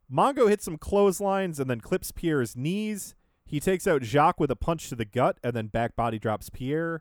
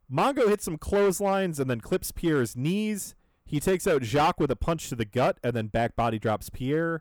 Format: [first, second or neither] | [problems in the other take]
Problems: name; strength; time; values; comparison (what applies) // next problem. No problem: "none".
first | distortion; slight; 7% of the sound clipped